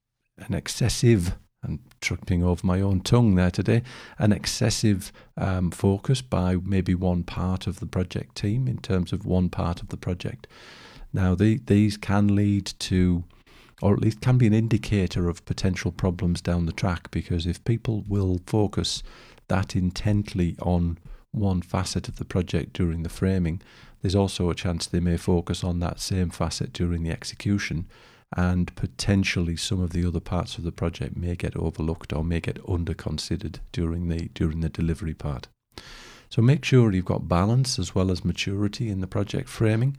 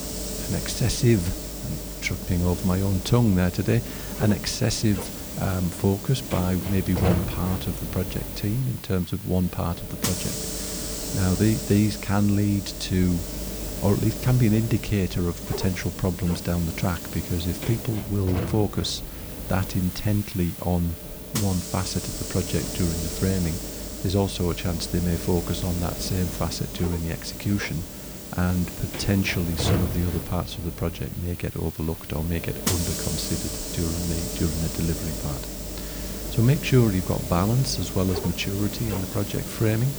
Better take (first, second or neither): first